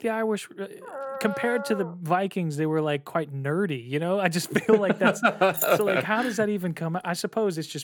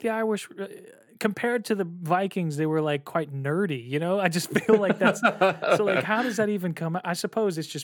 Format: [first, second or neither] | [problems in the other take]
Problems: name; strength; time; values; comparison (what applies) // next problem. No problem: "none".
second | dog barking; noticeable; from 1 to 2 s; peak 8 dB below the speech // jangling keys; noticeable; at 5.5 s; peak 4 dB below the speech